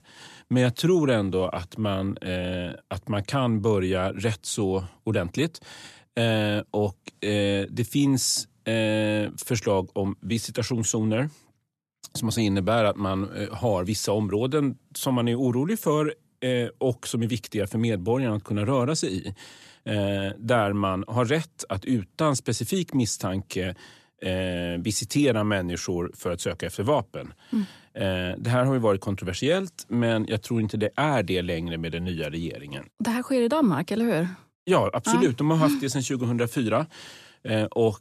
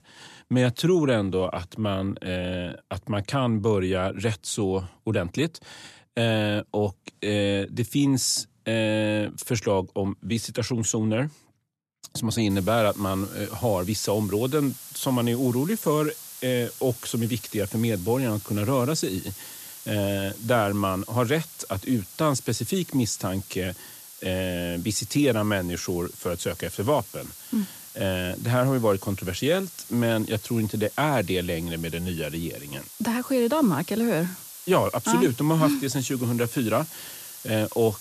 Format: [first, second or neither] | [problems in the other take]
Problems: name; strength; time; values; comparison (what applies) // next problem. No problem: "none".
first | hiss; noticeable; from 13 s on; 15 dB below the speech